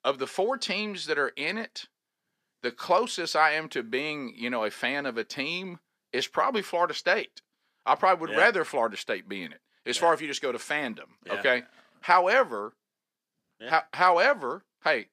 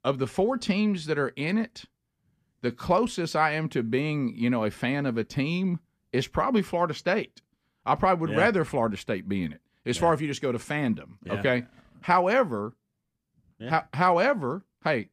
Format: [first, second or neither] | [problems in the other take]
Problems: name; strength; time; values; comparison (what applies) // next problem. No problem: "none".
second | thin; somewhat; fading below 450 Hz